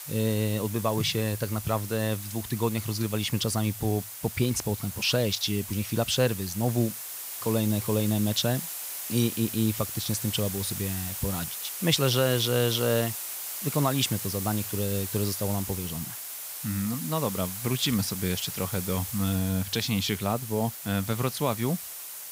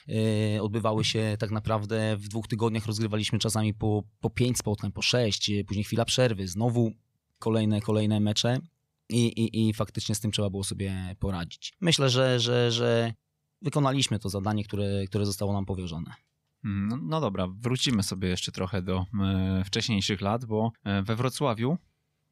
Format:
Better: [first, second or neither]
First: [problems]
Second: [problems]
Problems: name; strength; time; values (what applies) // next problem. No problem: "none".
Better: second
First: hiss; loud; throughout; 6 dB below the speech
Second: none